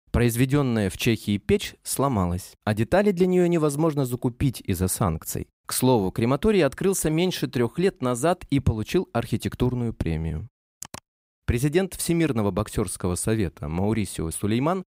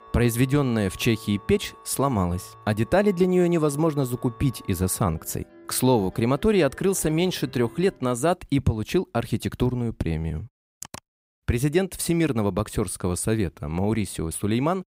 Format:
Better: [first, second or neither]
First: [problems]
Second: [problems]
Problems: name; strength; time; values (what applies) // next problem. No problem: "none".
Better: first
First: none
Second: background music; faint; until 8 s; 25 dB below the speech